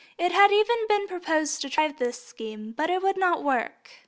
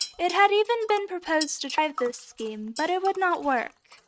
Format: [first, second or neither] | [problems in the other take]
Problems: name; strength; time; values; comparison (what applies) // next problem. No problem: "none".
first | noise reduction (neural mask model RNNoise)